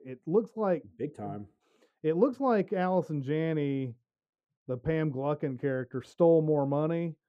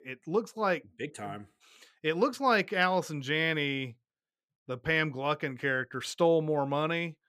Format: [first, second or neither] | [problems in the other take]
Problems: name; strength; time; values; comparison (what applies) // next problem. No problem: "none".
second | muffled; very; fading above 1 kHz